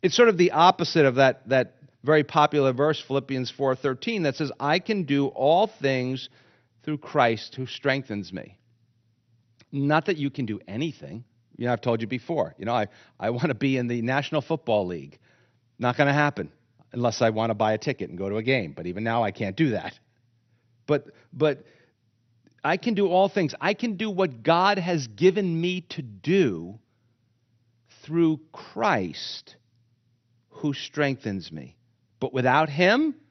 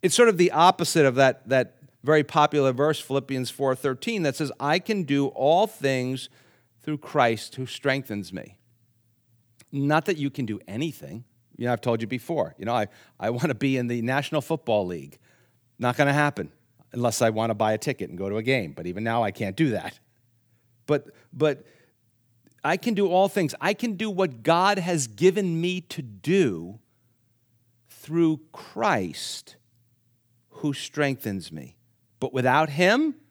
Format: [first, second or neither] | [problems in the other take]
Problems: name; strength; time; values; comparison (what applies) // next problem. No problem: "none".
second | garbled, watery; slightly; nothing above 6 kHz